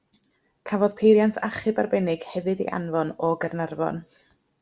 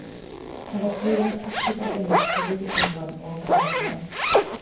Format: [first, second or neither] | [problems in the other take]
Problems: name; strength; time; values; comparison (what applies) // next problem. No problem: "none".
first | background sound (Zipper (clothing)); 4 dB above the speech // room echo; dies away in 0.9 s